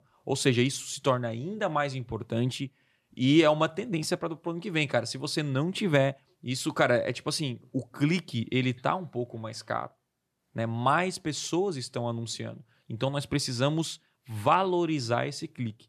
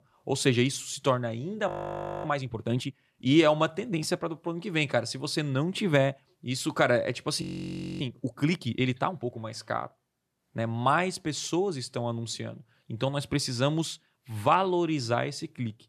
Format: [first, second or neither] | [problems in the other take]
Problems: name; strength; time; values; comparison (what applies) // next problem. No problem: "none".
first | audio freezing; at 1.5 s for 0.5 s and at 7.5 s for 0.5 s